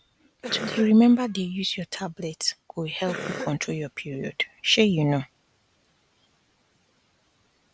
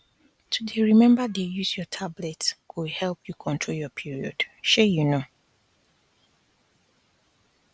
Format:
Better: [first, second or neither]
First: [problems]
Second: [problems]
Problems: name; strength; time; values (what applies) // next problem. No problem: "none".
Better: second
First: background sound (Cough); 10 dB below the speech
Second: none